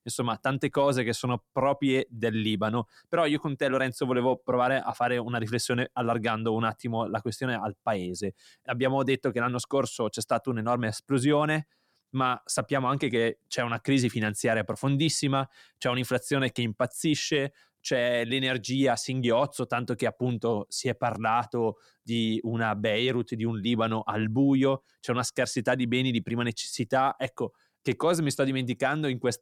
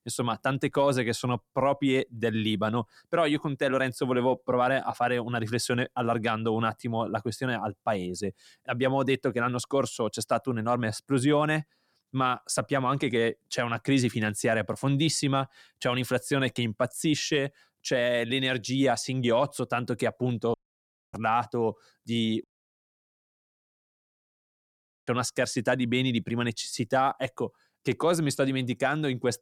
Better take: first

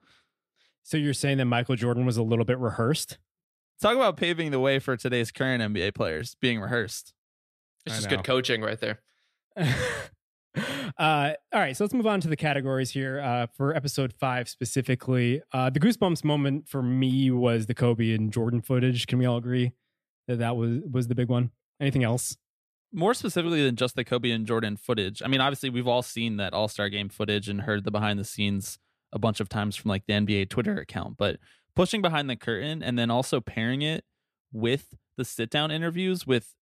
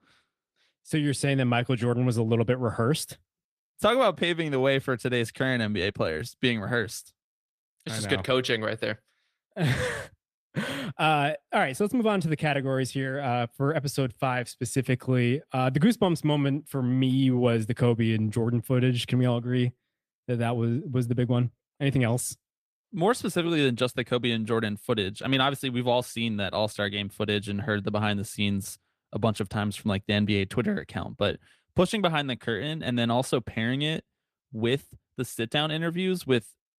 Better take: first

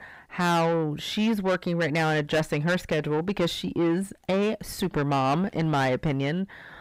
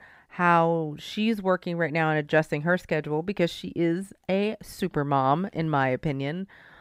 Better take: second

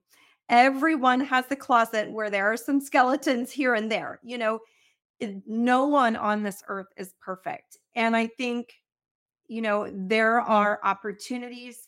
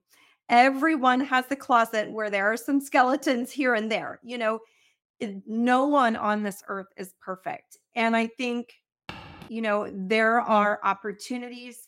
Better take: first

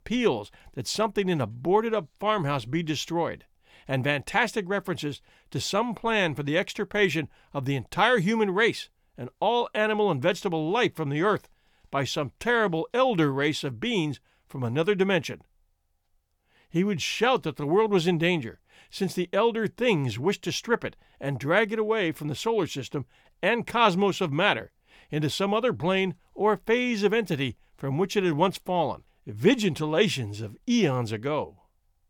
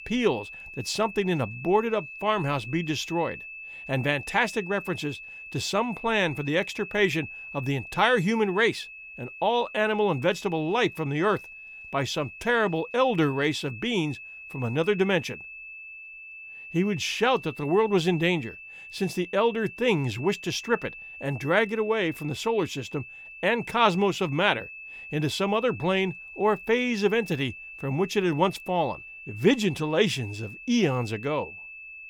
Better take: first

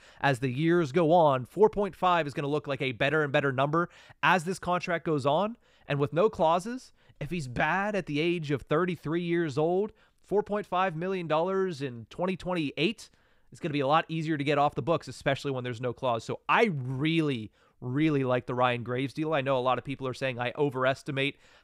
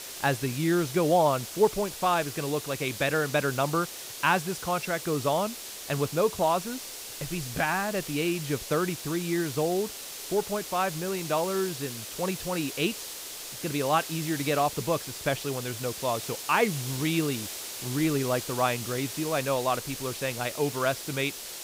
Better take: first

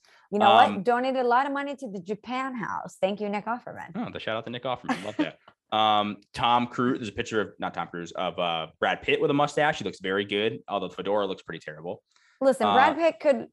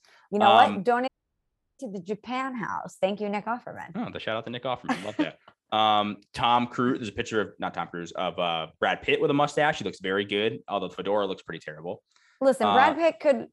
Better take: first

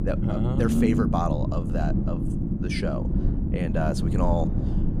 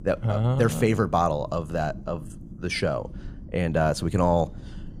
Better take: second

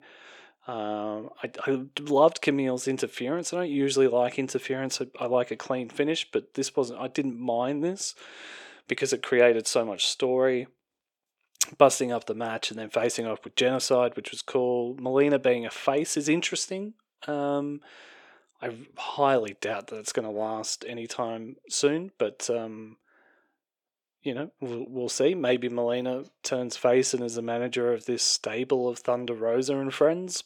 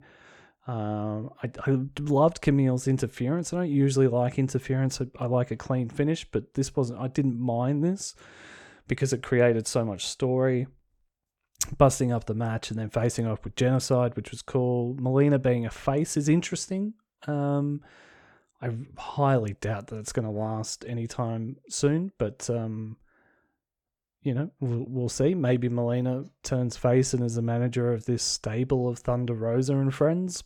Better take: second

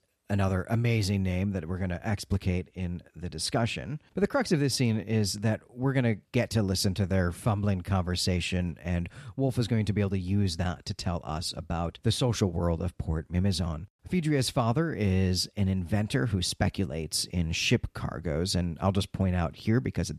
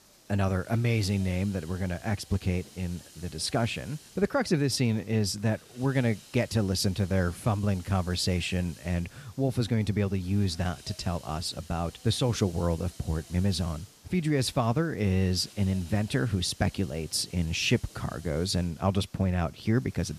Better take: first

